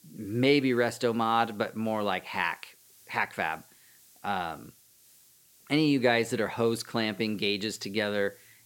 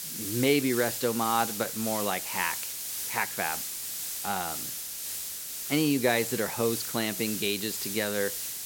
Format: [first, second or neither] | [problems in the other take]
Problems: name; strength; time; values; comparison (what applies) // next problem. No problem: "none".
first | hiss; loud; throughout; 3 dB below the speech; faint in the first